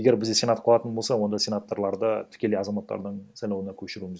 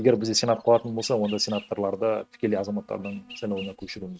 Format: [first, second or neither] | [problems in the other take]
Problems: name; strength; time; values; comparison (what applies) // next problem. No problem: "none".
first | noise reduction (neural mask model RNNoise)